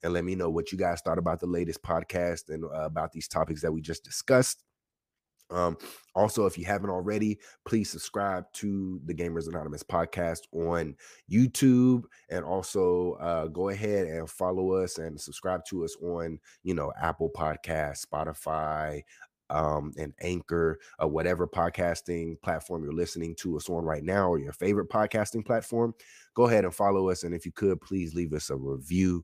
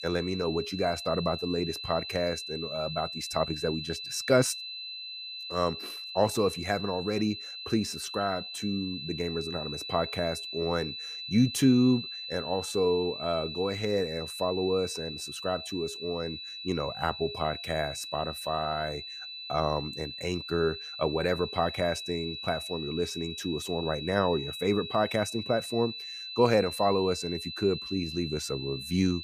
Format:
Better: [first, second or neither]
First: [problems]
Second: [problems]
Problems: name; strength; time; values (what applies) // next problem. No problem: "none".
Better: first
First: none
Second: high-pitched whine; loud; throughout; 4 kHz, 7 dB below the speech